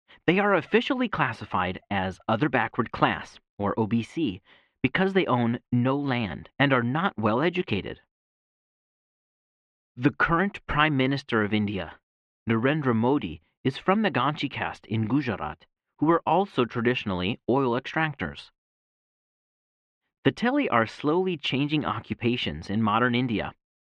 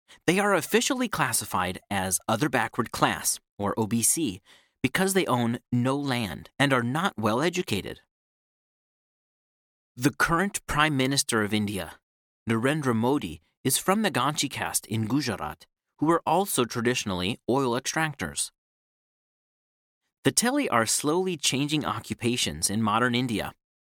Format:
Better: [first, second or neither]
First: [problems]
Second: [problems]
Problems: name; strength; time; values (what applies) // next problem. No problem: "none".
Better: second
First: muffled; very; fading above 3 kHz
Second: none